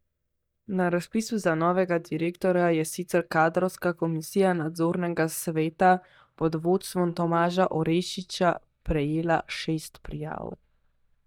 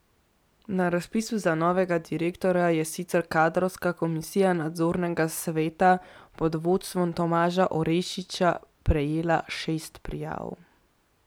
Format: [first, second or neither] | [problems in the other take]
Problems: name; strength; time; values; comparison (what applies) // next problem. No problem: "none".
second | noise reduction (neural mask model DeepFilterNet 3)